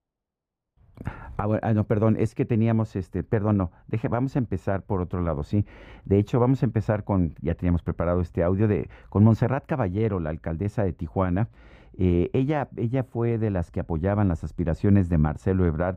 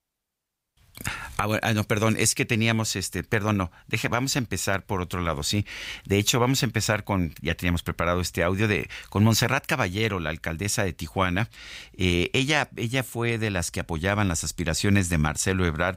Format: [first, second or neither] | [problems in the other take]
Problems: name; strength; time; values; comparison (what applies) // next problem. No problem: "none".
second | muffled; very; fading above 2 kHz